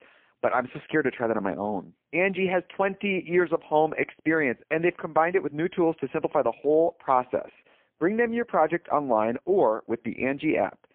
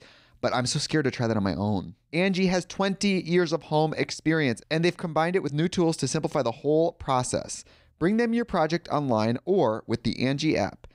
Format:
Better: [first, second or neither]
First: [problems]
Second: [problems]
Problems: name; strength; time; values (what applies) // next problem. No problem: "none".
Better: second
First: phone-call audio; poor line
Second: none